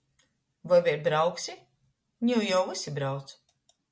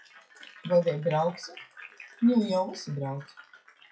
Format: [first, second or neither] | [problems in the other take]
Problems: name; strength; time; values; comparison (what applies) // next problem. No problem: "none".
first | noise reduction (classical method WPE with log-MMSE)